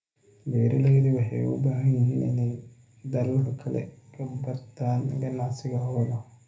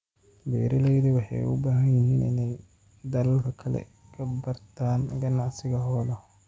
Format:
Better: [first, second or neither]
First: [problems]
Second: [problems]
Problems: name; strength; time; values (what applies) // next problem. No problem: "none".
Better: second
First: room echo; dies away in 0.3 s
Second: none